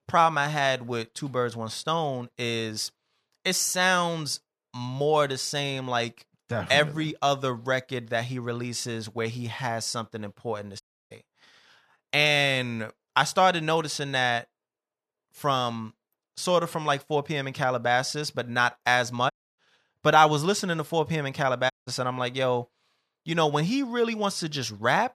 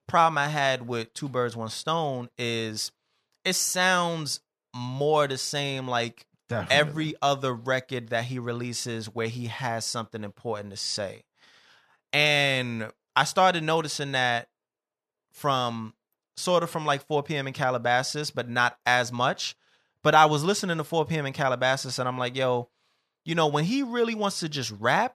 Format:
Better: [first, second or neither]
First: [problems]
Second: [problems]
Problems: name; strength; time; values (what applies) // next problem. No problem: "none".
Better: second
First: audio cutting out; at 11 s, at 19 s and at 22 s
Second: none